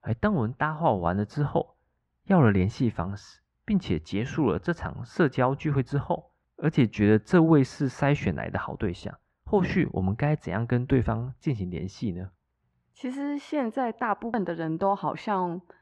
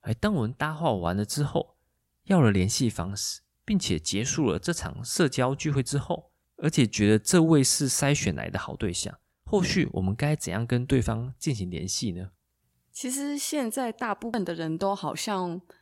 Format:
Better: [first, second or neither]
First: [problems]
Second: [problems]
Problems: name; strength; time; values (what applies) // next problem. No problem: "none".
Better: second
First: muffled; very; fading above 1.5 kHz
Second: none